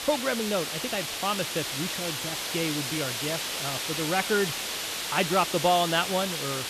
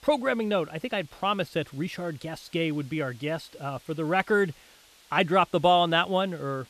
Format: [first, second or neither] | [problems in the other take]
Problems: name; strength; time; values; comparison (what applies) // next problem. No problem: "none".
second | hiss; loud; throughout; 1 dB below the speech; faint in the second